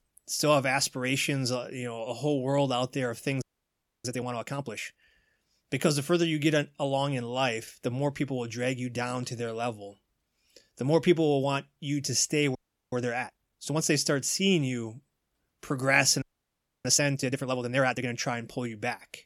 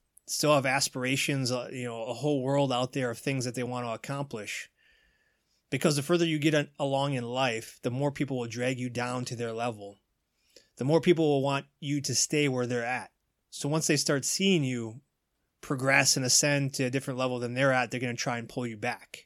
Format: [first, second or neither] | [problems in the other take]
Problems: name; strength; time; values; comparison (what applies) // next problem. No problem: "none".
second | audio freezing; at 3.5 s for 0.5 s, at 13 s and at 16 s for 0.5 s